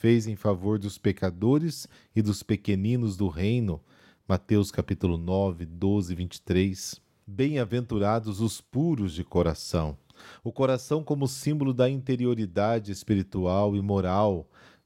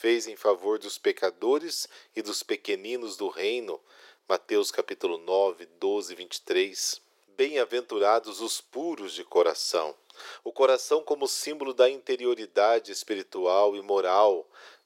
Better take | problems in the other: first | thin; very; fading below 400 Hz

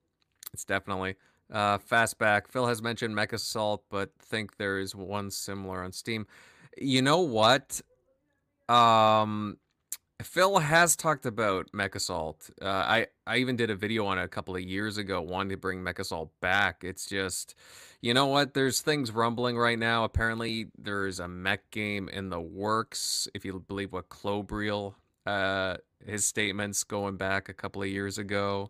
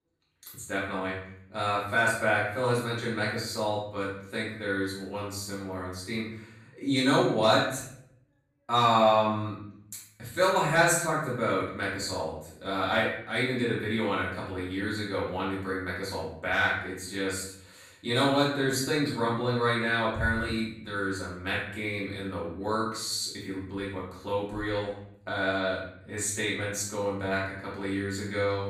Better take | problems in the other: first | room echo; noticeable; dies away in 0.6 s // off-mic speech; far

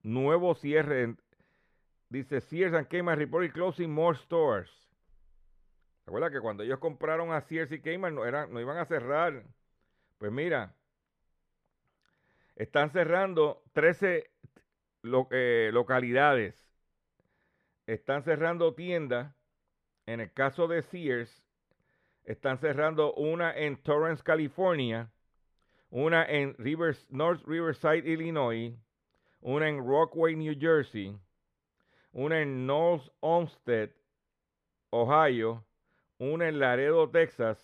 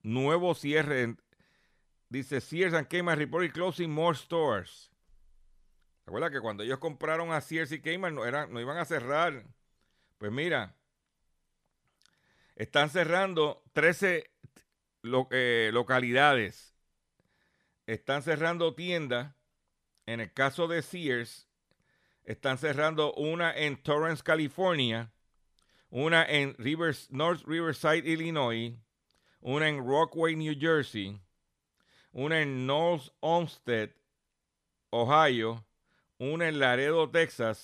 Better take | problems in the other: second | muffled; slightly; fading above 3.5 kHz

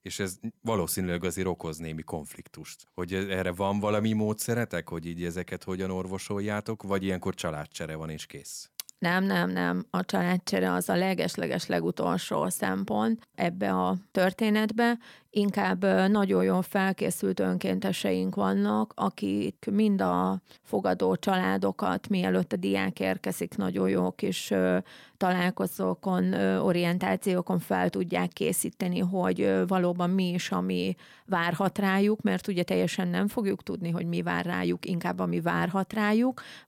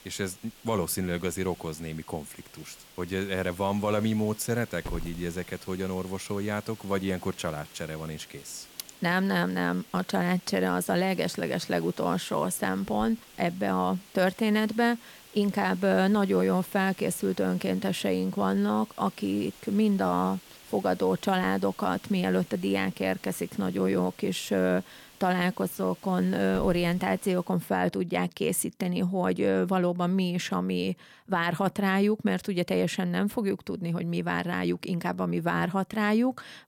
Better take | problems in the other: first | hiss; faint; until 28 s; 20 dB below the speech

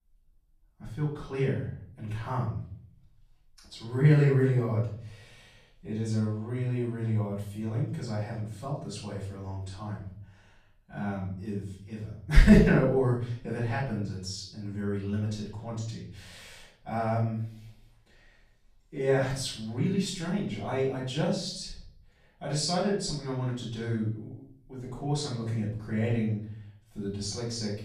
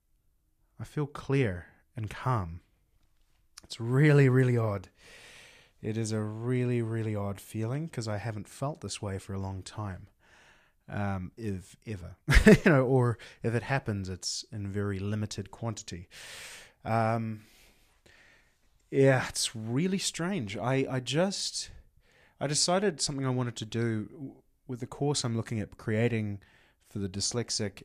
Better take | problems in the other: second | off-mic speech; far // room echo; noticeable; dies away in 0.6 s

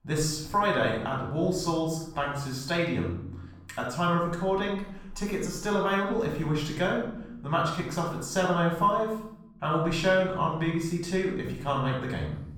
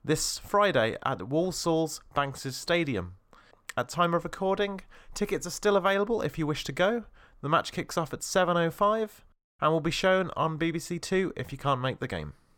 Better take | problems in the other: second | room echo; noticeable; dies away in 0.8 s // off-mic speech; far

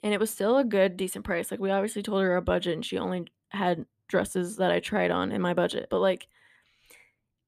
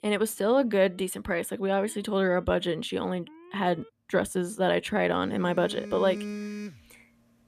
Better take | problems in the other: first | alarms or sirens; noticeable; throughout; 10 dB below the speech

